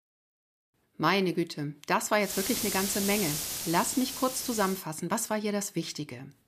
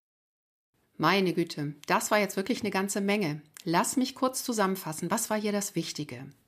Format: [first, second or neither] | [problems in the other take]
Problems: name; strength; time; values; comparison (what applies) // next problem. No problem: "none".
second | hiss; very faint; from 2.5 to 5 s; 3 dB below the speech